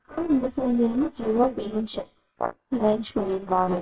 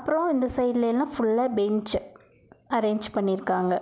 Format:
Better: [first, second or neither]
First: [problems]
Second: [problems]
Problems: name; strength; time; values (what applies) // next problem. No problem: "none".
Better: second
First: noise reduction (neural separator model SepFormer WHAMR!)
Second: none